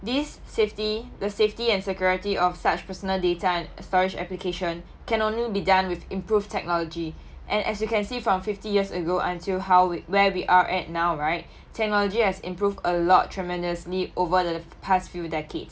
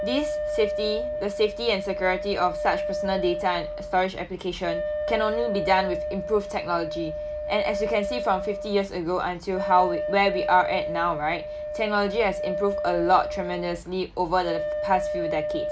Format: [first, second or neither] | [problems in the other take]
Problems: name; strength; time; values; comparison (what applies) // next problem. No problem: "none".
first | background sound (Wind instrument, woodwind instrument); 4 dB below the speech